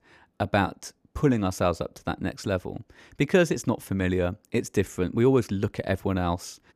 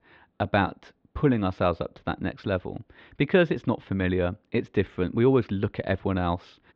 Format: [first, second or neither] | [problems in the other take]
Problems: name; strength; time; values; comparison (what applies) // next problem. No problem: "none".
first | muffled; very; fading above 4 kHz